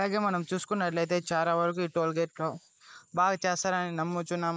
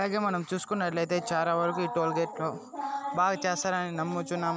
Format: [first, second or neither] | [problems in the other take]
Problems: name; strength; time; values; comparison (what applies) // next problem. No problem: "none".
second | noise reduction (neural mask model Resemble Enhance denoiser)